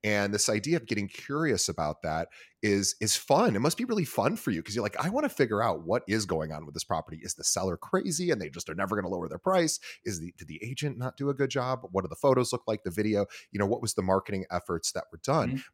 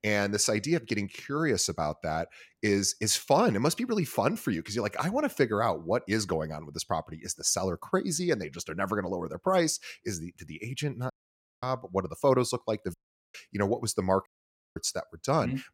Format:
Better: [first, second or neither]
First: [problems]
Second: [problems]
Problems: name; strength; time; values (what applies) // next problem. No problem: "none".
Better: first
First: none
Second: audio cutting out; at 11 s for 0.5 s, at 13 s and at 14 s for 0.5 s